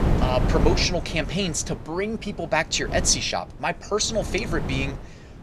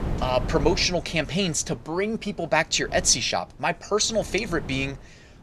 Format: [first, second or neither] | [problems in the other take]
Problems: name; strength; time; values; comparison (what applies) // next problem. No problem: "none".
second | wind noise on the microphone; heavy; 10 dB below the speech; occasional gusts in the second